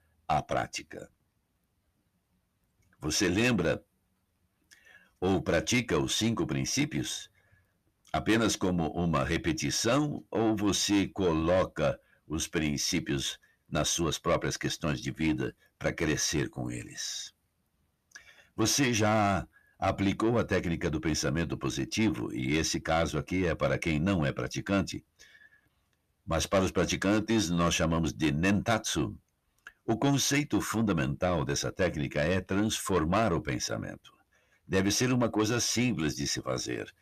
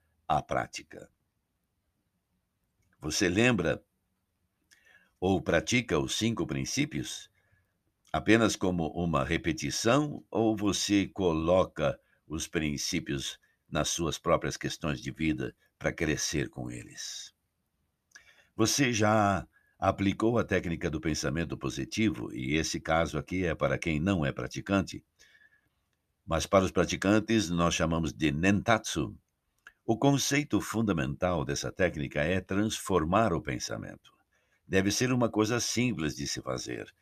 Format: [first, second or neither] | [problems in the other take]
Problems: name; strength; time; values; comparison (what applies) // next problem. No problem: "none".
second | distortion; slight; 10 dB below the speech